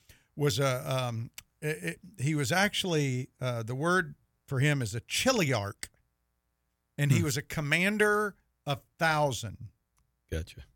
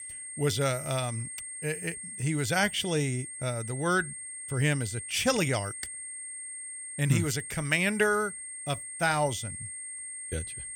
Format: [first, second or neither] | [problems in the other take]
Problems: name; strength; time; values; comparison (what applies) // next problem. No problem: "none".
first | high-pitched whine; loud; throughout; 8.5 kHz, 8 dB below the speech